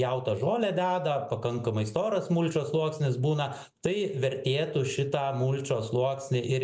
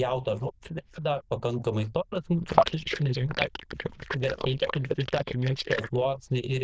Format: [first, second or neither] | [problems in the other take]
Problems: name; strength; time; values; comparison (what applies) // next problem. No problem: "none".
first | noise reduction (neural diffusion model UNIVERSE++)